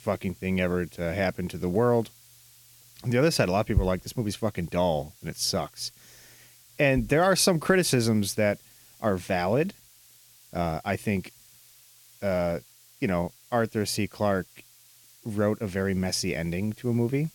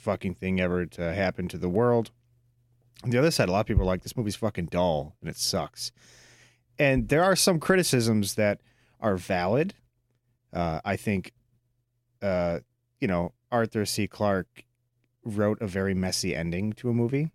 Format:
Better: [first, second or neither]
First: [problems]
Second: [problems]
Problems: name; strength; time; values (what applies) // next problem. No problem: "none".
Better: second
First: hiss; faint; throughout; 25 dB below the speech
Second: none